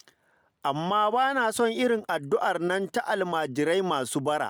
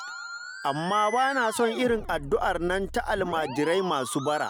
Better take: first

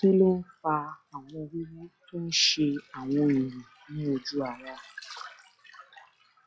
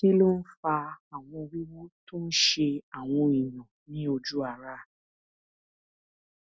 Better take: second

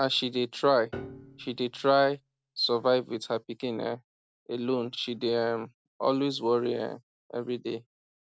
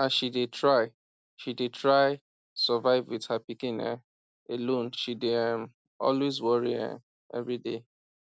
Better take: second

